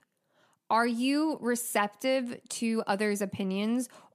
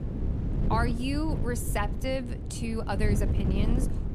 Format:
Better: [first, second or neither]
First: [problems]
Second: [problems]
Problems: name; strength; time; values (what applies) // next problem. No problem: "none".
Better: first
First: none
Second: wind noise on the microphone; heavy; 7 dB below the speech